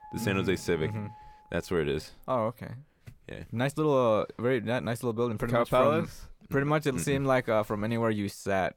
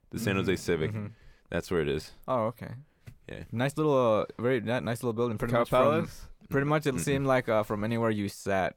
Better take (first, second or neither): second